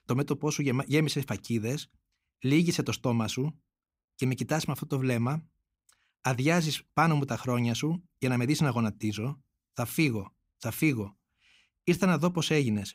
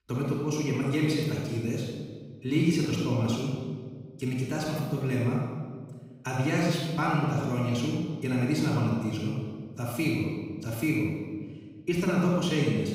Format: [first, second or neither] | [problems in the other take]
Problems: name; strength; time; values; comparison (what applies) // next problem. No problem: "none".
first | off-mic speech; far // room echo; strong; dies away in 1.4 s